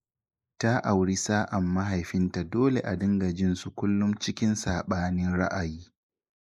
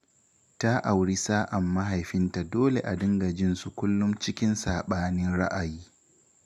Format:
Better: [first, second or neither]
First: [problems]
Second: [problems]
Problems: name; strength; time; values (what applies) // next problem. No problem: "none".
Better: second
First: noise reduction (neural mask model Resemble Enhance denoiser)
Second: none